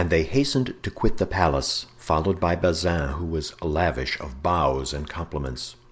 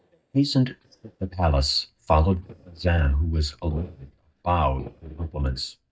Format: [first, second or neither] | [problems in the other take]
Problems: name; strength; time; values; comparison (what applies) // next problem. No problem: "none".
first | noise reduction (neural mask model DeepFilterNet 3)